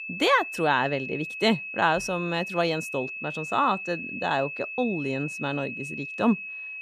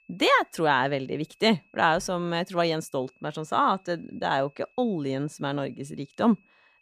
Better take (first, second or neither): second